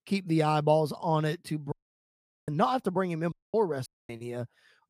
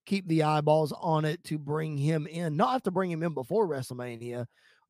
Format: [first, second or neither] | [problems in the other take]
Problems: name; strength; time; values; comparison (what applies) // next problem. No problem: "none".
second | audio cutting out; at 1.5 s for 1 s, at 3.5 s and at 4 s